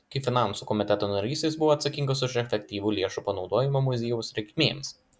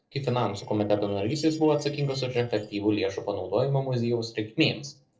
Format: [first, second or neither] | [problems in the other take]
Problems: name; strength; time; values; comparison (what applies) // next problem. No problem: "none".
first | noise reduction (neural separator model SepFormer DNS4)